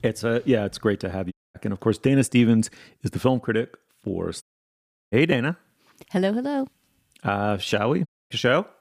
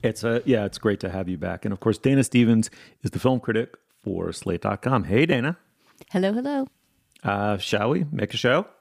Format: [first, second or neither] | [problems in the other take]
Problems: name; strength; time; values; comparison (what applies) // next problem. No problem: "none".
second | audio cutting out; at 1.5 s, at 4.5 s for 0.5 s and at 8 s